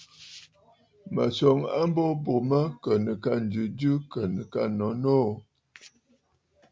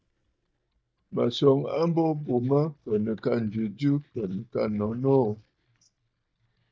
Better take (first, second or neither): first